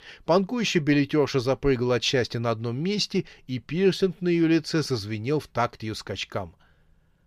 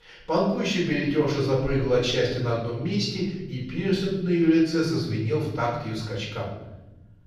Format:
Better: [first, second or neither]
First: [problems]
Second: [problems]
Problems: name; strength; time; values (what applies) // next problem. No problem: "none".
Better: first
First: none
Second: off-mic speech; far // room echo; noticeable; dies away in 1.3 s